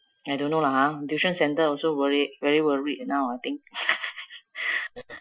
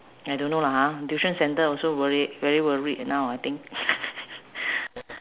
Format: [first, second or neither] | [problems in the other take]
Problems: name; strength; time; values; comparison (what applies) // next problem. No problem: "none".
second | noise reduction (classical method Wiener filter)